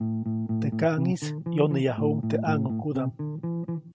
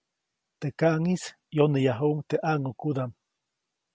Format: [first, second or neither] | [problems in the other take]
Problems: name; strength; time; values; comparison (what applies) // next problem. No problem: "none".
second | background sound (Bass guitar); 1 dB below the speech